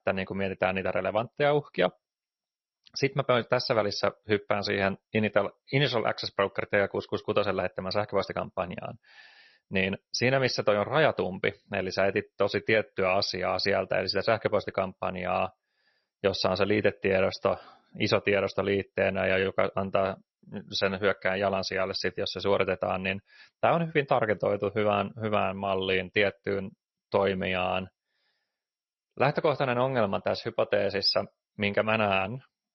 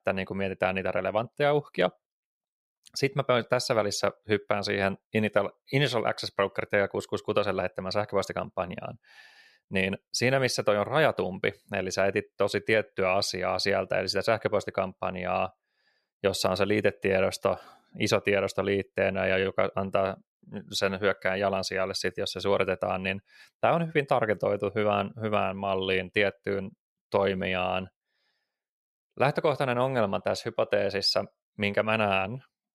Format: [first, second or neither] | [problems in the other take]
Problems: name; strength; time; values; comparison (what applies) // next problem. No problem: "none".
second | garbled, watery; slightly; nothing above 5.5 kHz